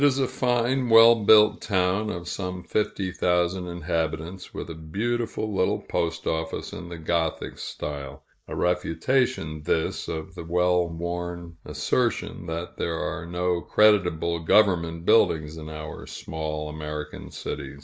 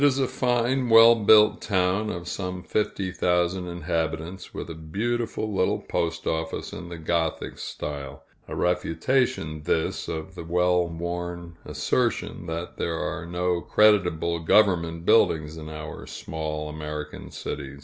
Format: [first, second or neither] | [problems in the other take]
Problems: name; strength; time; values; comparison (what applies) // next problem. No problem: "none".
second | noise reduction (neural mask model Resemble Enhance denoiser)